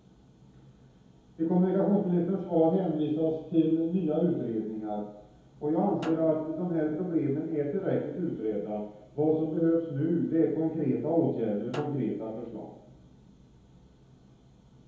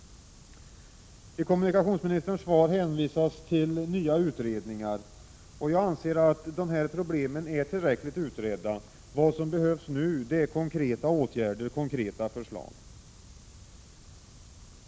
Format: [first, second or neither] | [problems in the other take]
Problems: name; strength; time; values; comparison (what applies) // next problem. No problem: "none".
second | background sound (Snare drum); 18 dB below the speech // room echo; dies away in 2.2 s